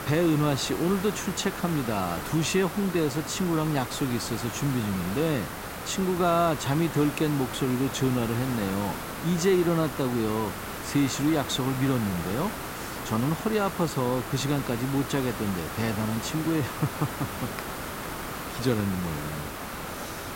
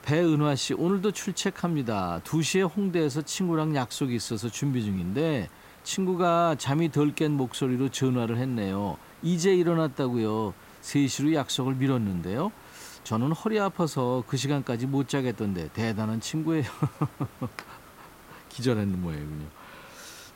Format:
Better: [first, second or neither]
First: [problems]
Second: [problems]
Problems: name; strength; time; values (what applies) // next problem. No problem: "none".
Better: second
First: hiss; loud; throughout; 7 dB below the speech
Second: hiss; faint; throughout; 25 dB below the speech